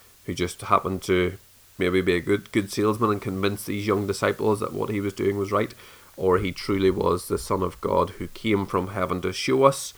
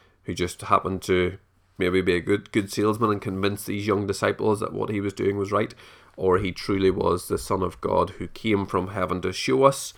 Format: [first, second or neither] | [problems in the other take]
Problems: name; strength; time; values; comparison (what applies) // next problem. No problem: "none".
second | hiss; faint; throughout; 25 dB below the speech